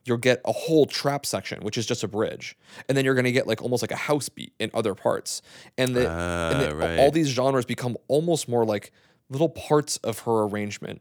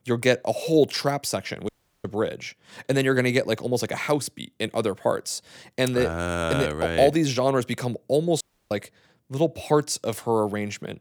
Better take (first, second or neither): first